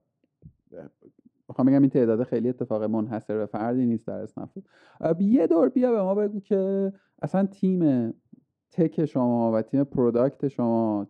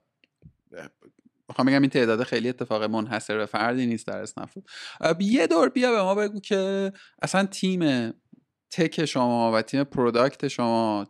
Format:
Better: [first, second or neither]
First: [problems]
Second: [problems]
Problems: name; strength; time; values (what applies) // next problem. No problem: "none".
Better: second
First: muffled; very; fading above 1 kHz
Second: none